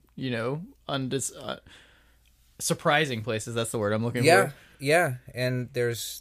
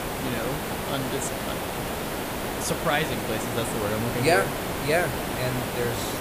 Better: first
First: none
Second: hiss; loud; throughout; 1 dB below the speech

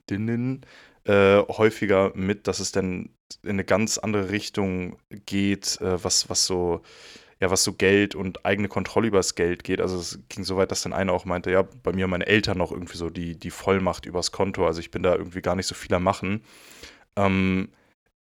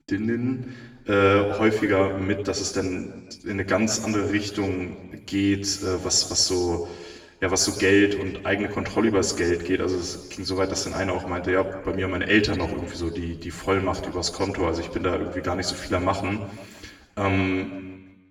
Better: first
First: none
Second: room echo; noticeable; dies away in 1 s // off-mic speech; far

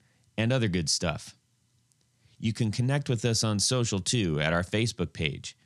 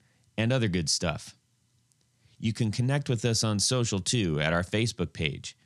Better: neither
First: none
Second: none

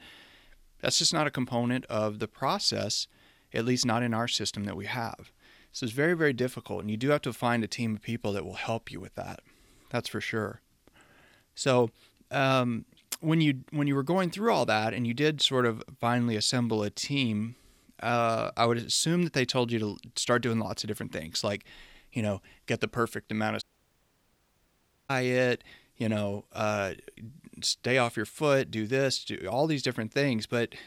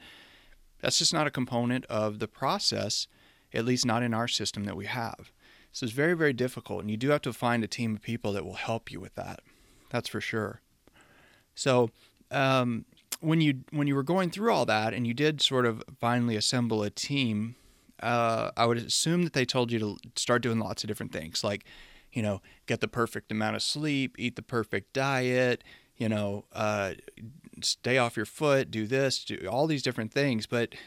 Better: second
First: audio cutting out; at 24 s for 1.5 s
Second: none

